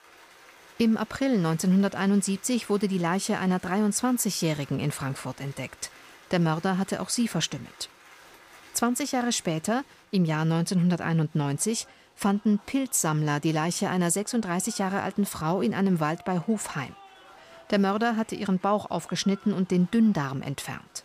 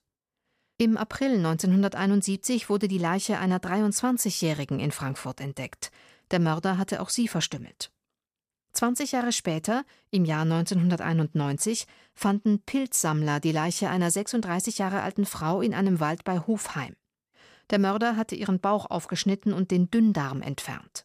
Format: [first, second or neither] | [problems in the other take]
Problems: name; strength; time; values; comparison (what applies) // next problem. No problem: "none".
second | crowd noise; faint; throughout; 25 dB below the speech